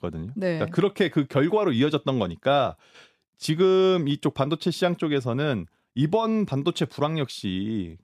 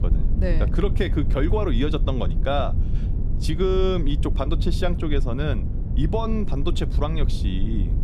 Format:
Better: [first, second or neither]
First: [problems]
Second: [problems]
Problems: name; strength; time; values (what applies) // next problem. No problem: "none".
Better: first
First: none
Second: low rumble; noticeable; throughout; 10 dB below the speech